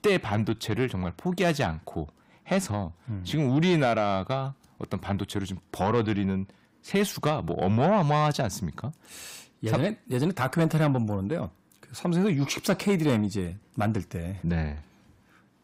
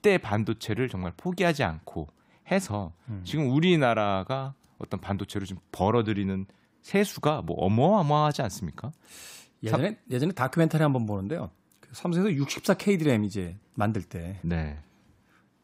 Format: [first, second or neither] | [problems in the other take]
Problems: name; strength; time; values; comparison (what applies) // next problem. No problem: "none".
second | distortion; slight; 10 dB below the speech